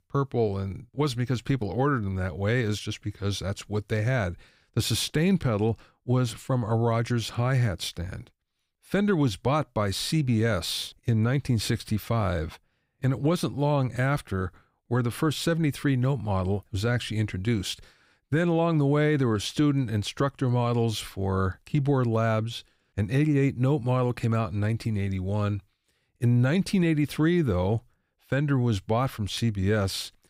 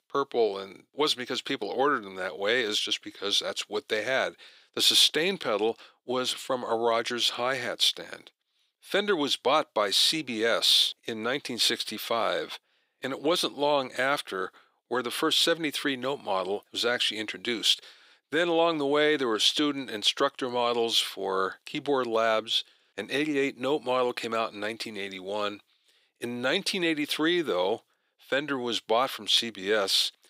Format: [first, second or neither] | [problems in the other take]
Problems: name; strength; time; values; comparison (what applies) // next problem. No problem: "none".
first | thin; very; fading below 350 Hz